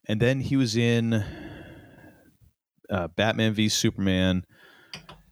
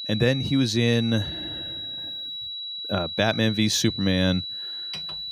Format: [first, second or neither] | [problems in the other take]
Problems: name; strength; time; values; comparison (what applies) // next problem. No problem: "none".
first | high-pitched whine; loud; throughout; 4 kHz, 7 dB below the speech